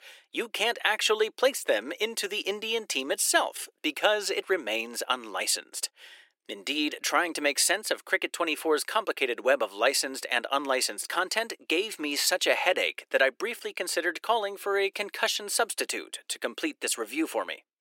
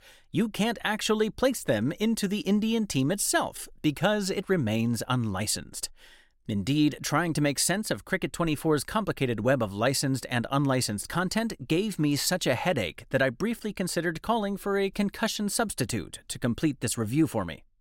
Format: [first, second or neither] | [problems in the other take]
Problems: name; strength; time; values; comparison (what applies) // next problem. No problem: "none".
second | thin; very; fading below 350 Hz